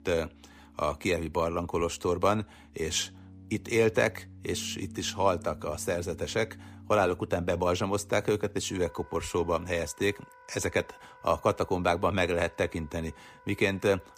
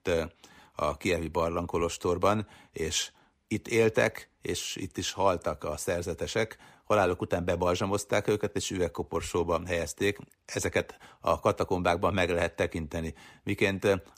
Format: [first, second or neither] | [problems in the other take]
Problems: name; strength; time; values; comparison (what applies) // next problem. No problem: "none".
second | background music; faint; throughout; 20 dB below the speech